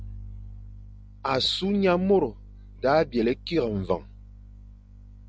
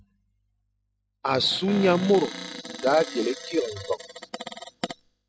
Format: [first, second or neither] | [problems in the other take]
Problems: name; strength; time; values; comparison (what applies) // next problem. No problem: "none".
first | noise reduction (classical method spectral subtraction)